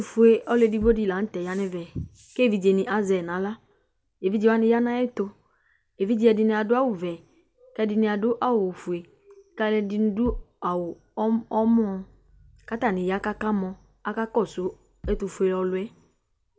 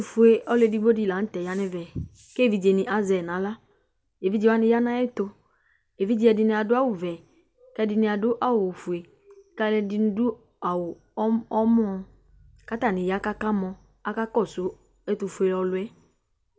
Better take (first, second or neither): second